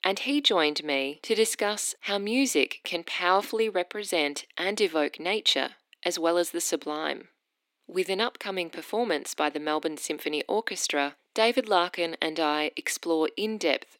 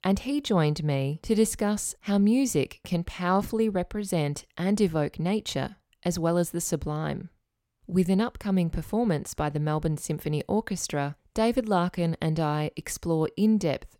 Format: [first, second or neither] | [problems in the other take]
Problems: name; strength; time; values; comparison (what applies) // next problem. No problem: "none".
second | thin; somewhat; fading below 300 Hz